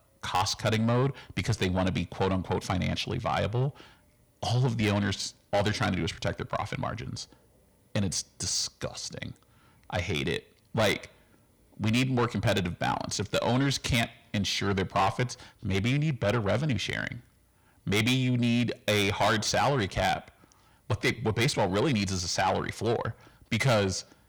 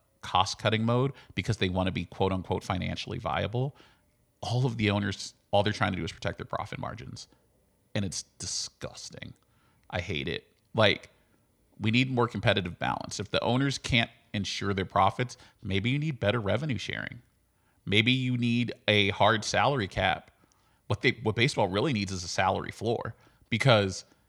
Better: second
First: distortion; heavy; 7 dB below the speech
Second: none

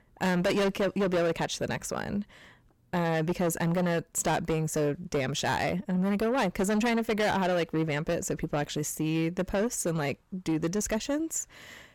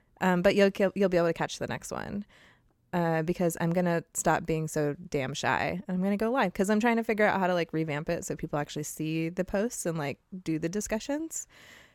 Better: second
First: distortion; heavy; 7 dB below the speech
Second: none

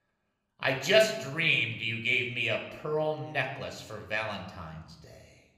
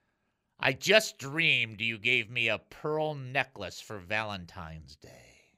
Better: second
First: room echo; slight; dies away in 0.8 s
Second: none

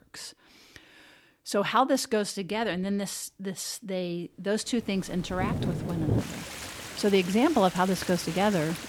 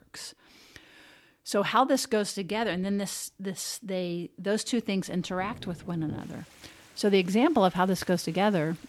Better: second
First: rain or running water; loud; from 5 s on; 7 dB below the speech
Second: rain or running water; faint; from 5 s on; 20 dB below the speech

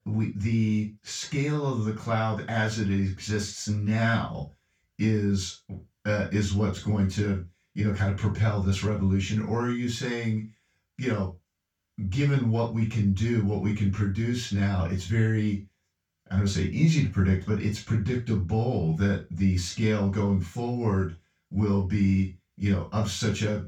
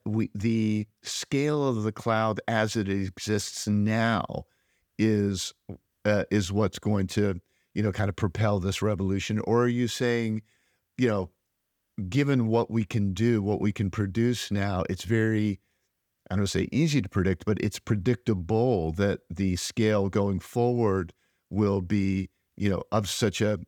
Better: second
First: room echo; noticeable; dies away in 0.2 s // off-mic speech; far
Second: none

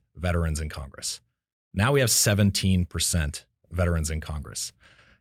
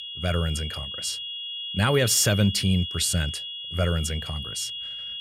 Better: first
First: none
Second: high-pitched whine; loud; throughout; 3.5 kHz, 7 dB below the speech

